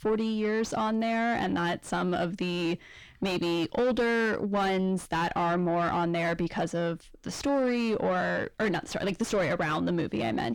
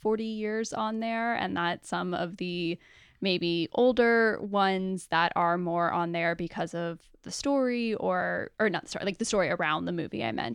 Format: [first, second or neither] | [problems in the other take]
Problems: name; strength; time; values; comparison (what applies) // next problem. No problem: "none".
second | distortion; heavy; 6 dB below the speech